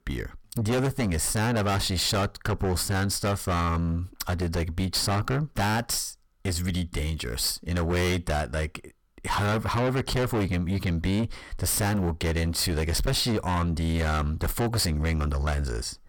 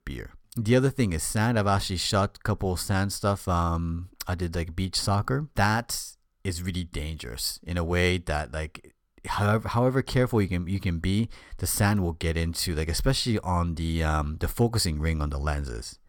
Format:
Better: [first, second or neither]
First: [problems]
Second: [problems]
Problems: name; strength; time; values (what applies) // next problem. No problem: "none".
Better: second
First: distortion; heavy; 6 dB below the speech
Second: none